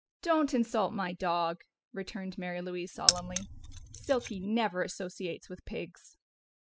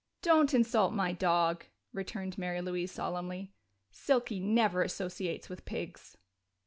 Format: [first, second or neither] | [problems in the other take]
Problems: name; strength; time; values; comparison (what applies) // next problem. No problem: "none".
second | noise reduction (classical method spectral subtraction)